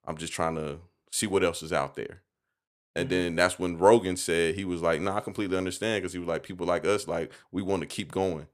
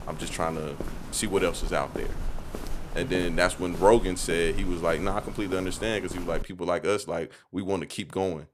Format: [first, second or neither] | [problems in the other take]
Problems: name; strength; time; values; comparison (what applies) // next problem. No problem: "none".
first | footsteps; noticeable; until 6.5 s; peak 8 dB below the speech